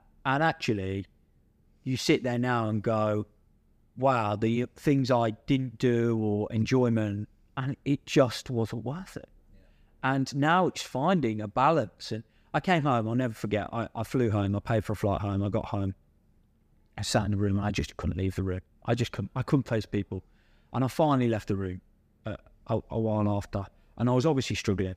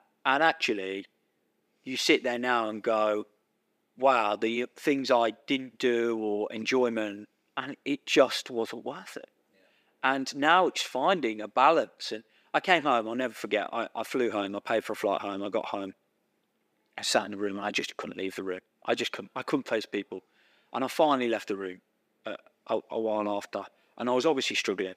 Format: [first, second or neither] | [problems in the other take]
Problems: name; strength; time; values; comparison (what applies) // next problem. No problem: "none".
first | thin; somewhat; fading below 300 Hz